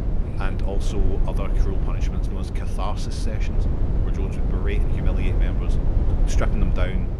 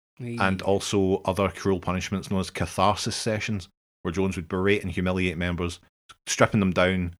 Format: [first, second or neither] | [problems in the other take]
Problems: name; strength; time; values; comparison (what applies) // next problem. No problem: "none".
second | low rumble; loud; throughout; 2 dB below the speech